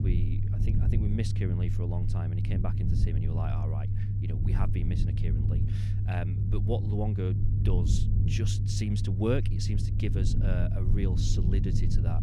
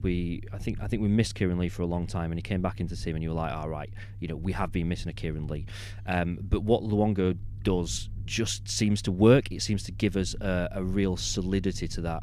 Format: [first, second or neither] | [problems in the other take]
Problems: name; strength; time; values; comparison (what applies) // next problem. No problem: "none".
second | low rumble; loud; throughout; 2 dB below the speech; faint in the second